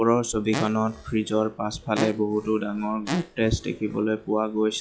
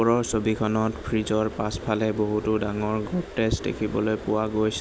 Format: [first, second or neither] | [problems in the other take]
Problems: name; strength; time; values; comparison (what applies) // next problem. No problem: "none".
second | noise reduction (classical method log-MMSE)